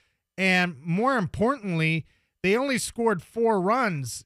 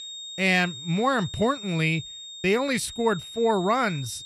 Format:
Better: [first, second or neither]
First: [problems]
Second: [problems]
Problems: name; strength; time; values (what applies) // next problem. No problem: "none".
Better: first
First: none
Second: high-pitched whine; noticeable; throughout; 3.5 kHz, 10 dB below the speech